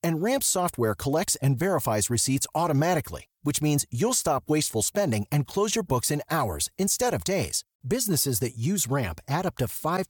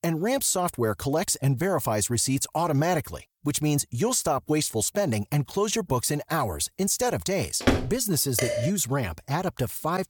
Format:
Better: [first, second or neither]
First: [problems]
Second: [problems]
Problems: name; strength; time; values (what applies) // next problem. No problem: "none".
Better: first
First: none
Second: door banging; loud; at 7.5 s; peak 1 dB above the speech // clattering dishes; noticeable; at 8.5 s; peak 3 dB below the speech